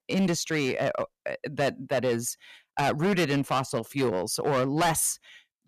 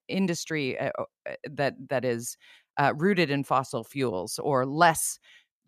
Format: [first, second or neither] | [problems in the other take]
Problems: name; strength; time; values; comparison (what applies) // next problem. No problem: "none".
second | distortion; heavy; 10% of the sound clipped